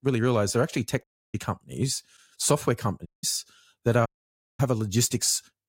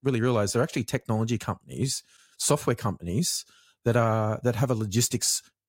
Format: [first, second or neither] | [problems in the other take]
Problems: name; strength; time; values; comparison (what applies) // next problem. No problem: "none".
second | audio cutting out; at 1 s, at 3 s and at 4 s for 0.5 s